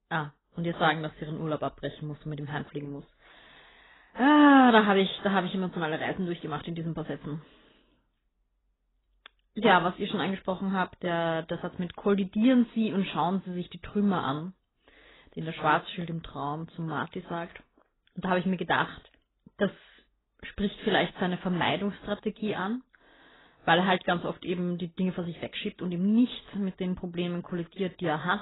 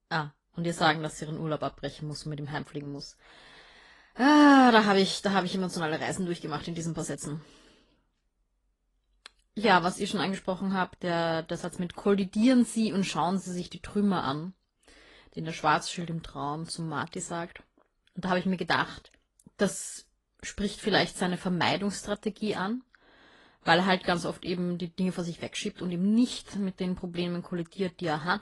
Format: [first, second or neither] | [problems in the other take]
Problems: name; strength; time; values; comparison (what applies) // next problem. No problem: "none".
second | garbled, watery; badly; nothing above 4 kHz; slightly in the second